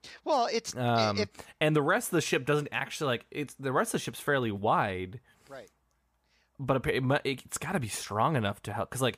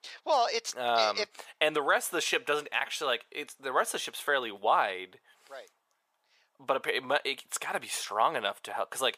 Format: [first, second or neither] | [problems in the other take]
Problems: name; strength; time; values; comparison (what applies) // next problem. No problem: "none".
first | thin; very; fading below 600 Hz